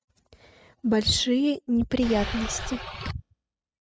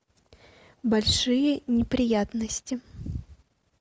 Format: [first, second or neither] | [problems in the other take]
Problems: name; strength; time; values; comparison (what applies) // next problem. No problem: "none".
second | noise reduction (classical method spectral subtraction)